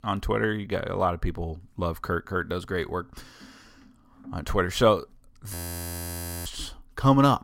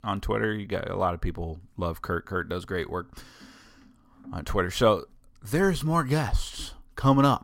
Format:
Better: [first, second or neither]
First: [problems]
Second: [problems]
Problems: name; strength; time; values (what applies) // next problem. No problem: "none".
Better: second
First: audio freezing; at 5.5 s for 1 s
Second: none